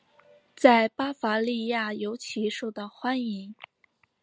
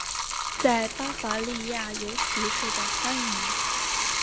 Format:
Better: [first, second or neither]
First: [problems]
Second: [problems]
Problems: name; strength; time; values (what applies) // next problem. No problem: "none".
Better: first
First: none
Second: background sound (Bathtub (filling or washing)); 3 dB above the speech